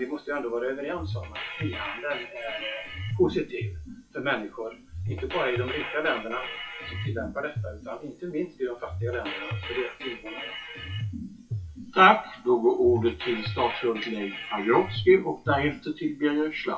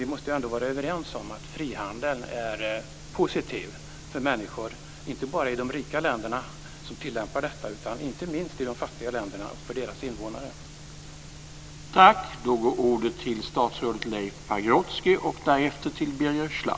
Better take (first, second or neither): second